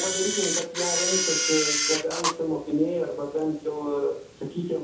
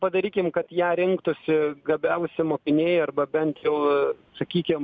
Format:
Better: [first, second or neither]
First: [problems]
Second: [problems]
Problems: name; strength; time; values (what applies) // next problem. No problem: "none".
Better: second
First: background sound (Camera); 1 dB below the speech // room echo; dies away in 0.5 s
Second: none